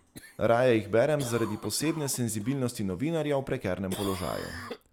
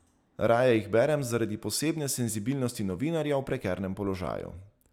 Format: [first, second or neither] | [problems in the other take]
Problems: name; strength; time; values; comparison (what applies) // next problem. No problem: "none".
second | background sound (Cough); 16 dB below the speech